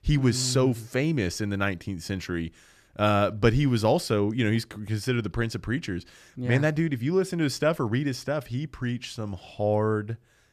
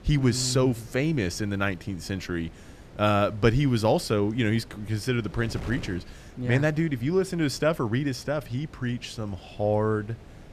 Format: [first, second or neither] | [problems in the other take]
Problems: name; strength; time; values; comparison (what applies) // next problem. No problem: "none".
first | wind noise on the microphone; occasional gusts; 20 dB below the speech